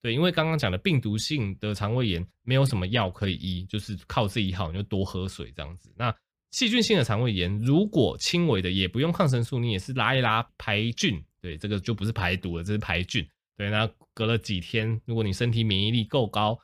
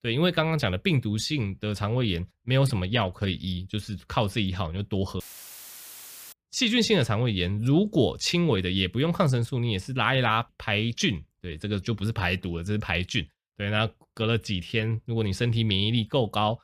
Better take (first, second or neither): first